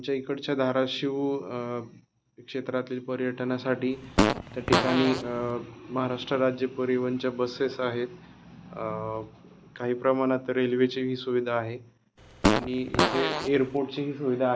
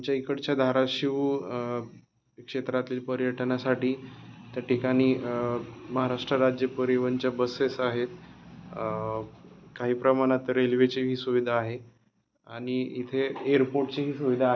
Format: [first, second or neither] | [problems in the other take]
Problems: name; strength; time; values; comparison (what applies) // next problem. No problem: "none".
second | background sound (Fart); 2 dB above the speech